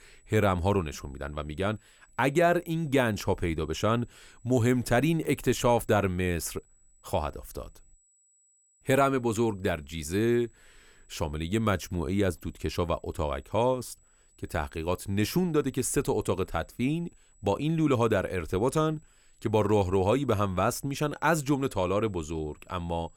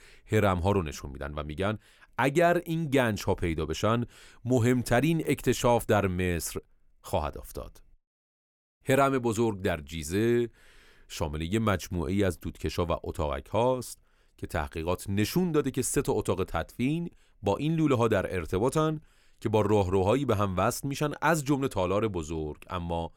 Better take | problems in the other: second | high-pitched whine; faint; throughout; 8 kHz, 35 dB below the speech

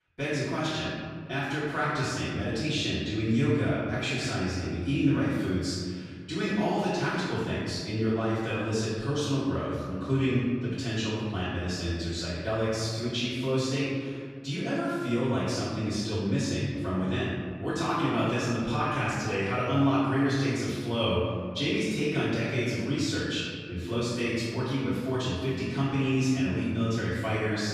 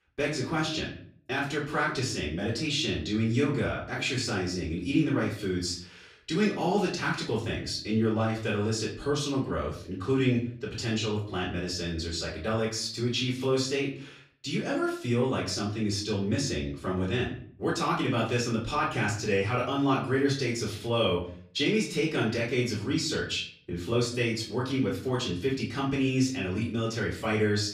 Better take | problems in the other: second | room echo; strong; dies away in 2 s; slight in the second // off-mic speech; far; far in the second

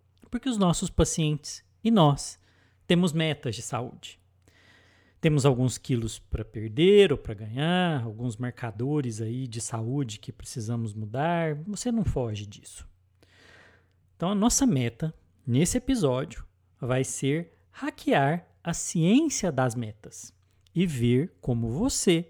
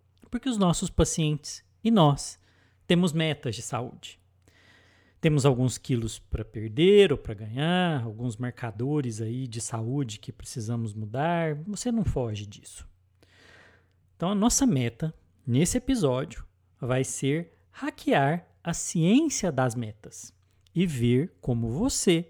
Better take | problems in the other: neither | none

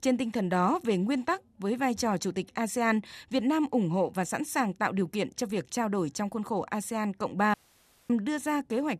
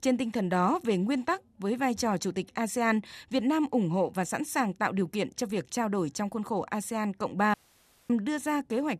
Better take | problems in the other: neither | audio cutting out; at 7.5 s for 0.5 s; the same in both

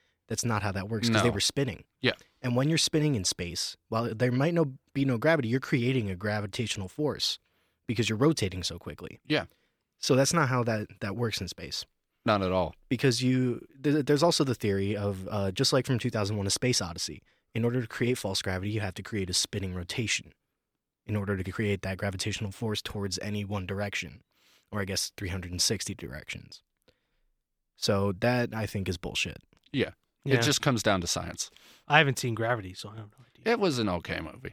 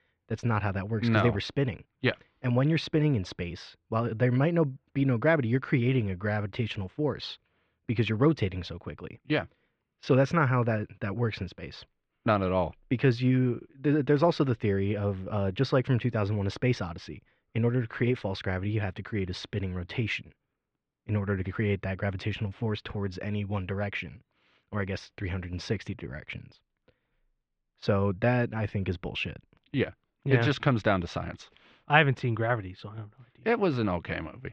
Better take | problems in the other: first | muffled; very; fading above 3 kHz

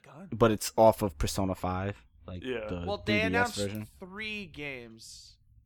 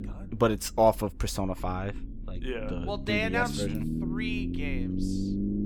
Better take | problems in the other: first | low rumble; noticeable; throughout; 10 dB below the speech

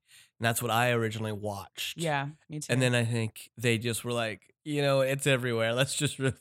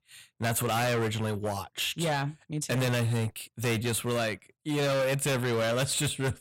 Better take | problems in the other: first | distortion; heavy; 22% of the sound clipped

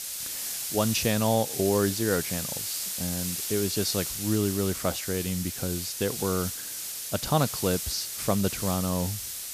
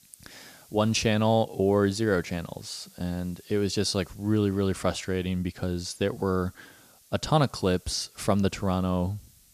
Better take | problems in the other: second | hiss; loud; throughout; 3 dB below the speech; faint in the second

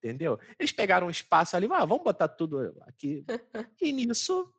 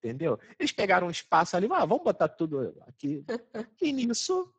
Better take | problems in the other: first | garbled, watery; badly; nothing above 7.5 kHz; slightly in the first

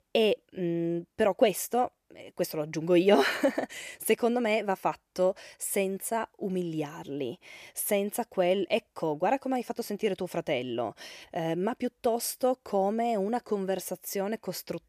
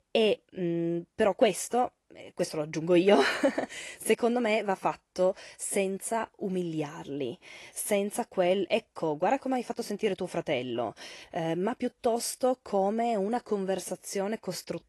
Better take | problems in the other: first | garbled, watery; slightly; nothing above 11.5 kHz

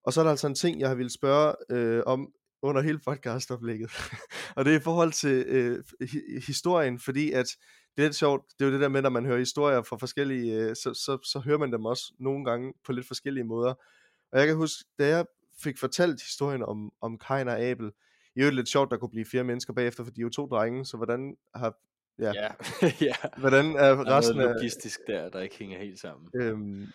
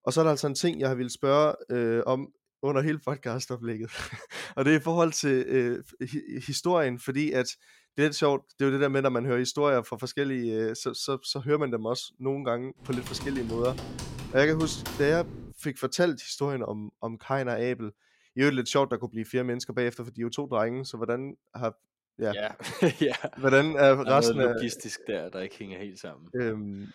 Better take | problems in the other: first | keyboard typing; noticeable; from 13 to 16 s; peak 9 dB below the speech

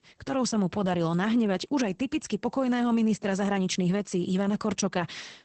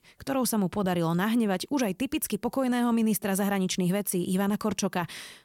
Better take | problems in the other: second | garbled, watery; badly; nothing above 8 kHz

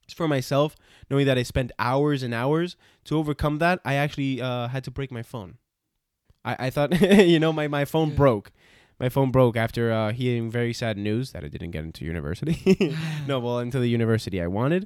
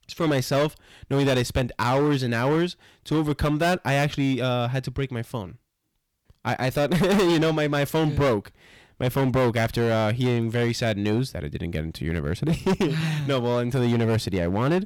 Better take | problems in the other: first | distortion; heavy; 14% of the sound clipped

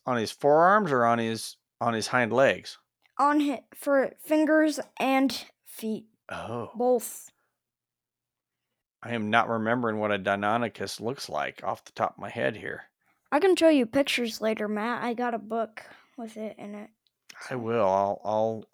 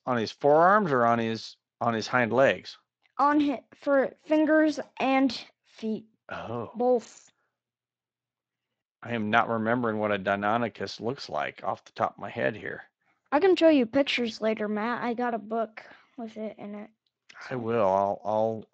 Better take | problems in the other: first | garbled, watery; slightly

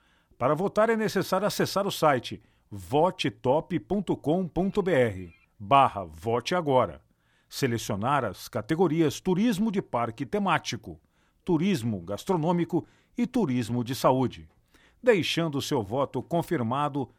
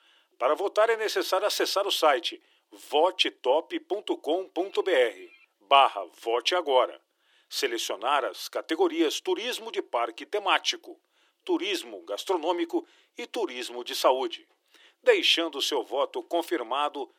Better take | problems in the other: first | thin; very; fading below 350 Hz

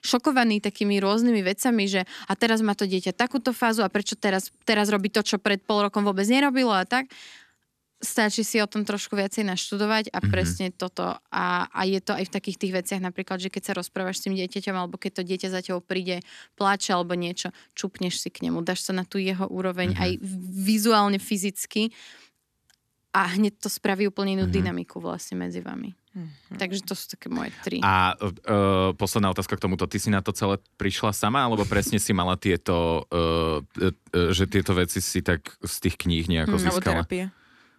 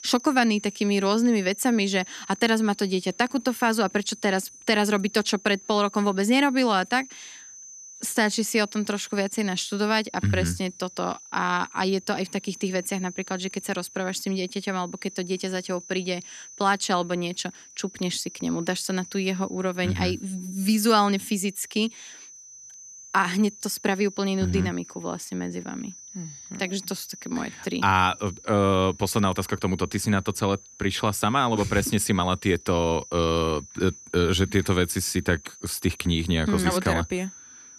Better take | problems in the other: first | high-pitched whine; noticeable; throughout; 6 kHz, 20 dB below the speech

